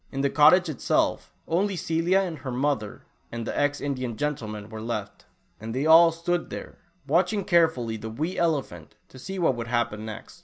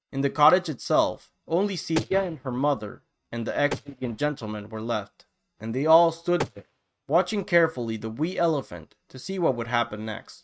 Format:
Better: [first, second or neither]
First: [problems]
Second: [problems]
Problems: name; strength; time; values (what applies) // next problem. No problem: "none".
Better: first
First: none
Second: noise reduction (neural mask model RNNoise)